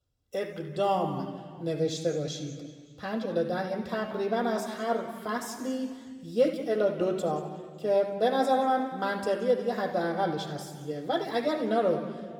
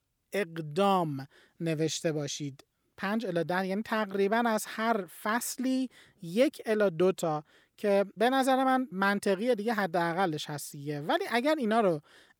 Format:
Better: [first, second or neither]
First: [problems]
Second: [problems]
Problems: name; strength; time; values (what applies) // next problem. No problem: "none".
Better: second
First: room echo; noticeable; dies away in 1.7 s // off-mic speech; somewhat distant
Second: none